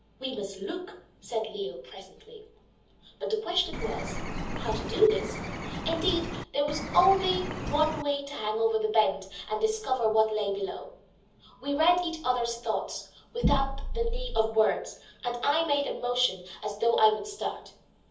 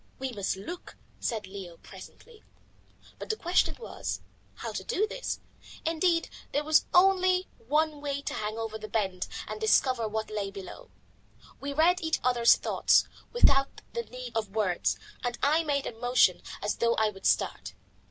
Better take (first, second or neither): second